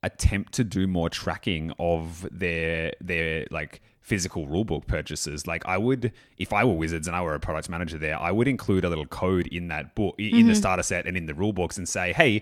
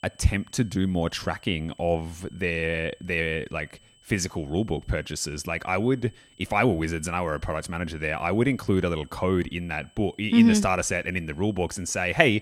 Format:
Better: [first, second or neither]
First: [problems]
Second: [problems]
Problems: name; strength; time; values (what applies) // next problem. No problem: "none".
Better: first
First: none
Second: high-pitched whine; faint; throughout; 3 kHz, 30 dB below the speech